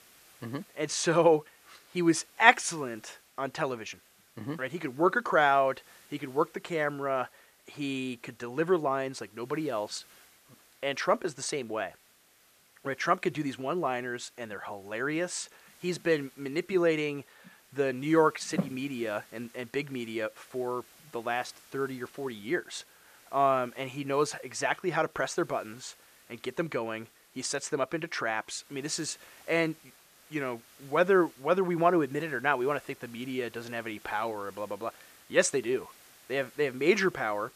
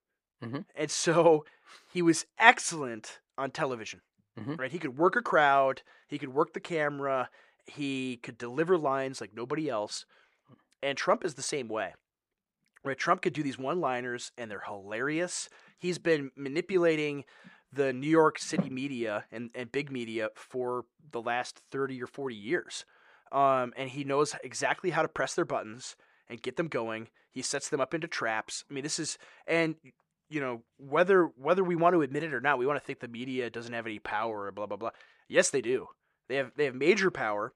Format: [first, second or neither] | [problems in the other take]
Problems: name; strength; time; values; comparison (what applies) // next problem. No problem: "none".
second | hiss; faint; throughout; 25 dB below the speech